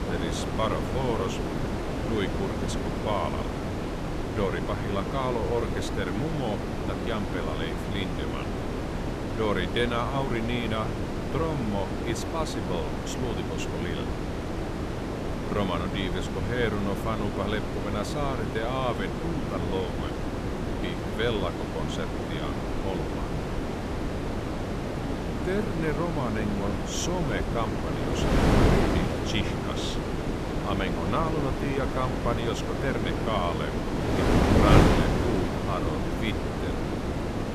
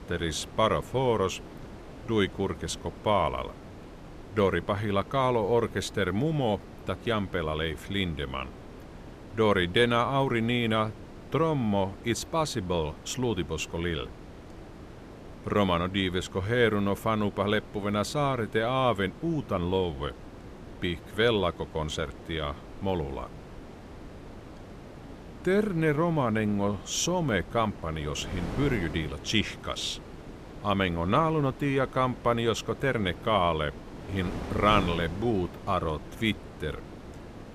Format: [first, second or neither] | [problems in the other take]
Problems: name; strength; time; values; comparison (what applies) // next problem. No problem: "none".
second | wind noise on the microphone; heavy; as loud as the speech; occasional gusts in the second